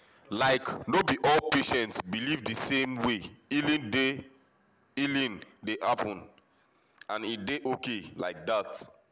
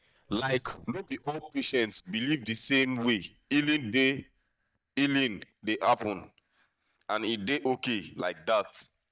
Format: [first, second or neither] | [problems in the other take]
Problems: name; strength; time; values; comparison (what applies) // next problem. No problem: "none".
first | noise reduction (neural mask model DeepFilterNet 3)